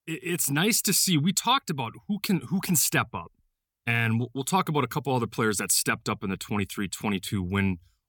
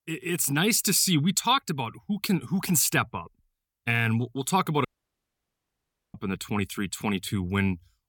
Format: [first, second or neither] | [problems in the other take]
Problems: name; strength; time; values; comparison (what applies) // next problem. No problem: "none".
first | audio cutting out; at 5 s for 1.5 s